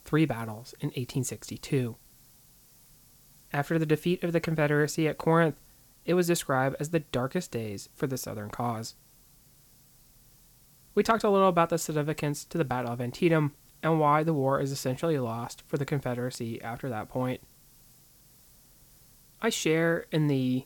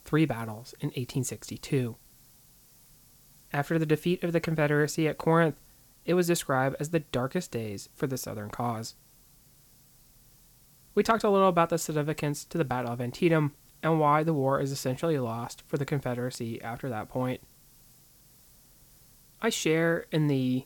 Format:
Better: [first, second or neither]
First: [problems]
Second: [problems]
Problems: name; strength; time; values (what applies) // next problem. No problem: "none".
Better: neither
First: hiss; faint; throughout; 30 dB below the speech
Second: hiss; faint; throughout; 30 dB below the speech